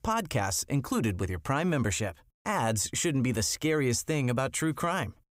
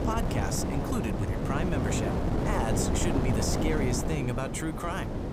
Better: first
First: none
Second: wind noise on the microphone; heavy; as loud as the speech

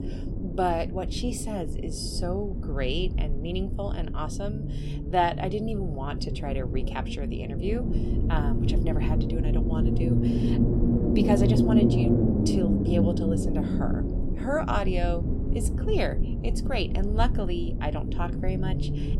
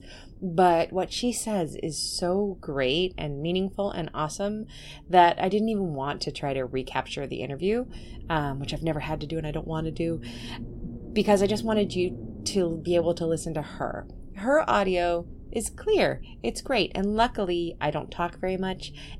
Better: second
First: low rumble; loud; throughout; 3 dB below the speech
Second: low rumble; faint; throughout; 25 dB below the speech

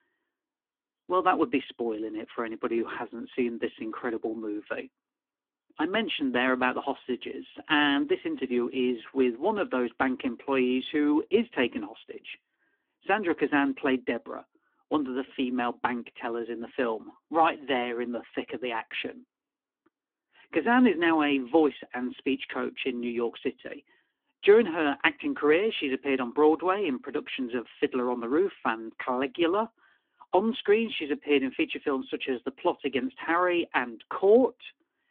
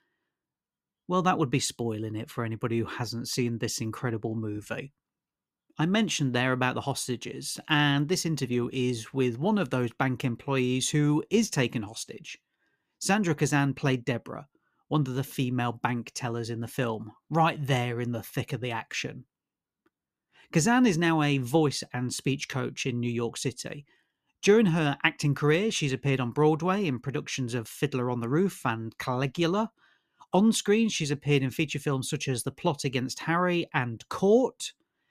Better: second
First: phone-call audio; nothing above 3.5 kHz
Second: none

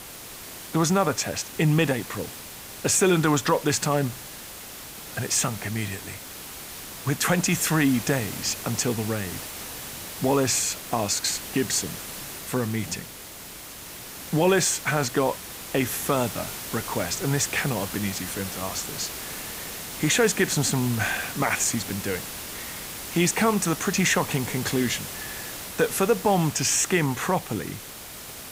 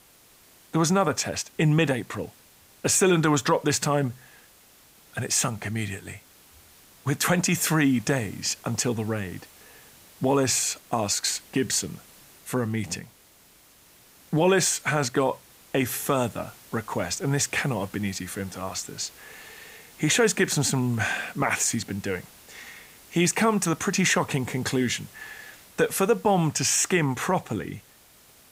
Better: second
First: hiss; loud; throughout; 10 dB below the speech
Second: hiss; faint; throughout; 25 dB below the speech

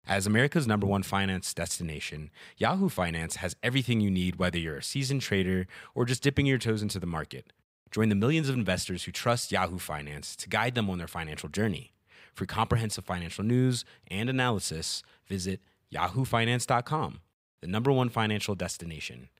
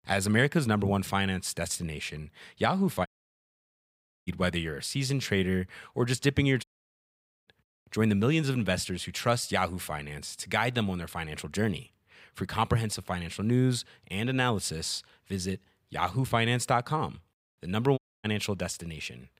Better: first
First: none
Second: audio cutting out; at 3 s for 1 s, at 6.5 s for 1 s and at 18 s

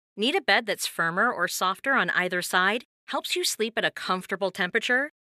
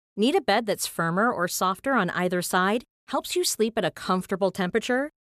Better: second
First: thin; very slightly; fading below 250 Hz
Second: none

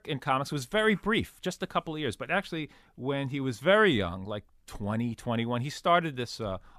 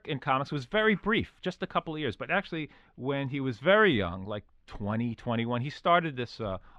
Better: first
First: none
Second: muffled; very slightly; fading above 3 kHz

